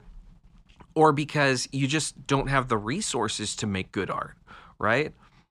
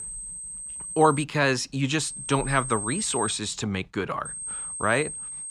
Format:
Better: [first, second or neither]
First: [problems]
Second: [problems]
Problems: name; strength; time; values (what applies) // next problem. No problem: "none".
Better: first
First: none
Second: high-pitched whine; loud; until 1 s, from 2 to 3.5 s and from 4.5 s on; 8.5 kHz, 7 dB below the speech